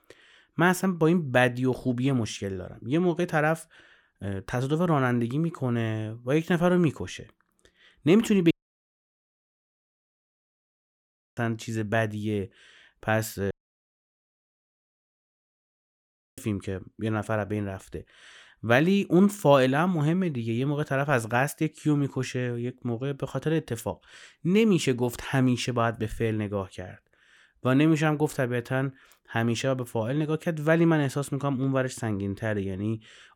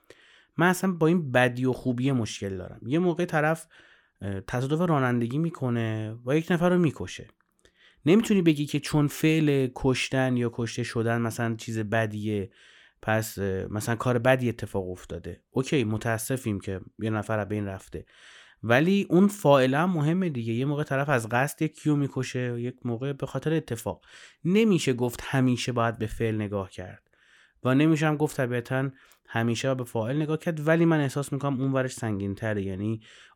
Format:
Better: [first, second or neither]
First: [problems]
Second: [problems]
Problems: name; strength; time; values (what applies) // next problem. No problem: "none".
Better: second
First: audio cutting out; at 8.5 s for 3 s and at 14 s for 3 s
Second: none